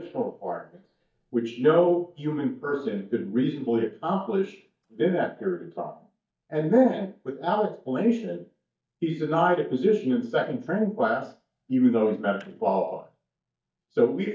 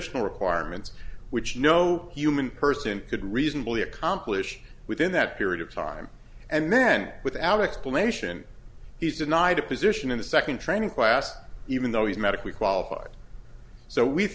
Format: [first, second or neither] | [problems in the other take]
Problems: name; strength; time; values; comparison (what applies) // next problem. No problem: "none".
second | noise reduction (neural mask model DeepFilterNet 3)